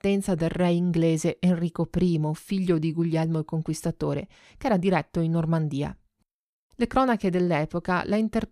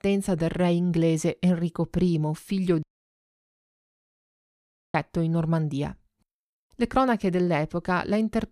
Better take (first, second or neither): first